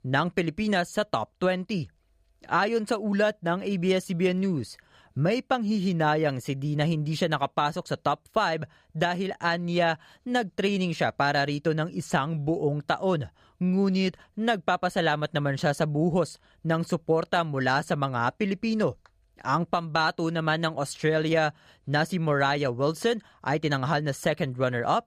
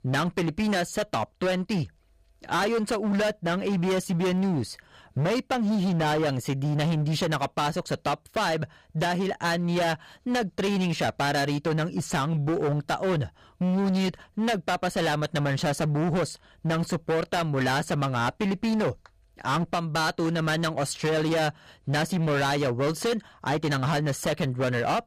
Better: first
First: none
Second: distortion; heavy; 23% of the sound clipped

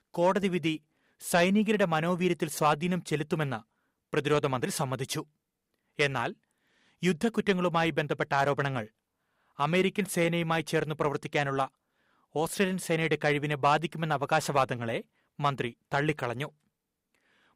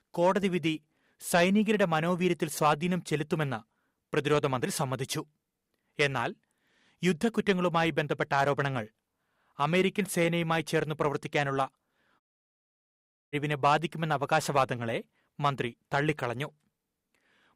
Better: first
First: none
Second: audio cutting out; at 12 s for 1 s

